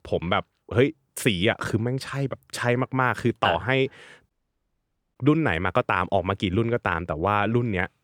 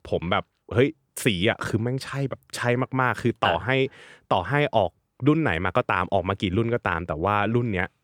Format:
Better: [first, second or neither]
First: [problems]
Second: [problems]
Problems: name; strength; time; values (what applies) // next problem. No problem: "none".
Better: second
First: audio cutting out; at 4.5 s for 1 s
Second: none